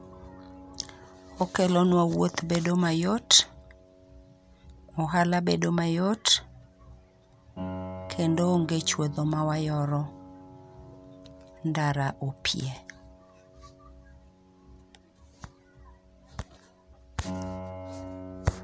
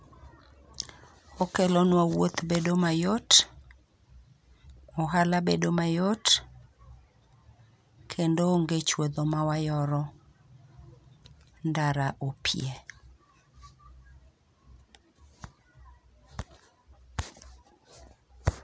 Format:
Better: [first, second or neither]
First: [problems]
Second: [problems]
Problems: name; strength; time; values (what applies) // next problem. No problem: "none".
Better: second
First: background sound (Piano); 16 dB below the speech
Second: none